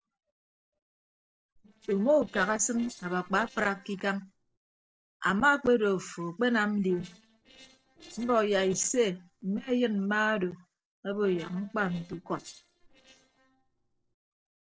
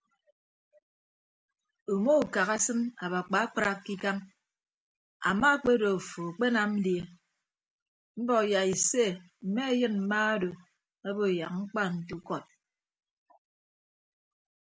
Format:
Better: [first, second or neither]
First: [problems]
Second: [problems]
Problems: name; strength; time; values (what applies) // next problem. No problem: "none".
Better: second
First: noise reduction (neural separator model SepFormer DNS4)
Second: none